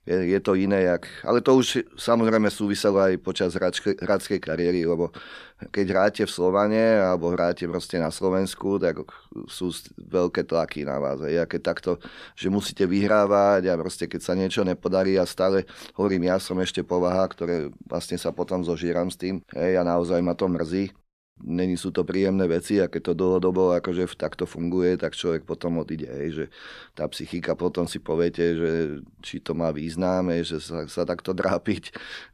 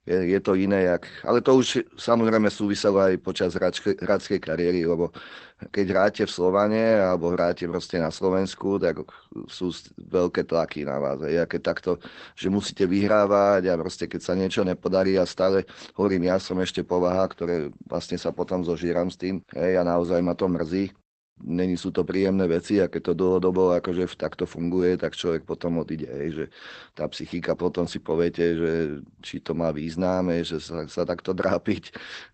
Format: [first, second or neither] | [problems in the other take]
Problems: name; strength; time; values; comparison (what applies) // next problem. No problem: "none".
first | garbled, watery; badly; nothing above 8 kHz